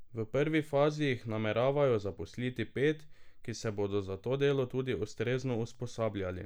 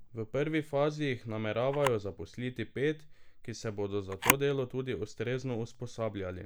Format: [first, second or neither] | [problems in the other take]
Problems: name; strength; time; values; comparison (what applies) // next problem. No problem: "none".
first | background sound (Camera); 7 dB below the speech